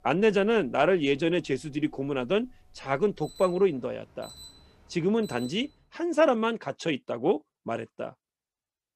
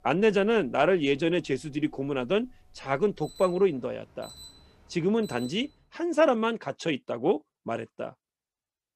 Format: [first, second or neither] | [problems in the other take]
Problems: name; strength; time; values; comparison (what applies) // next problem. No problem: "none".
neither | alarms or sirens; faint; until 5.5 s; 25 dB below the speech; the same in both